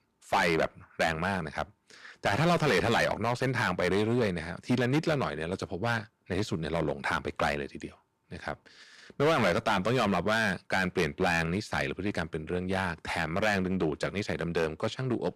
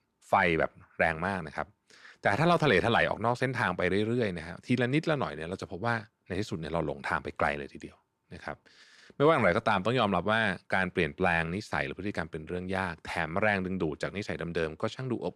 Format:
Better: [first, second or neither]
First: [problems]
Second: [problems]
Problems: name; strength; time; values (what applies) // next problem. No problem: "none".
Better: second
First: distortion; heavy; 7% of the sound clipped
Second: none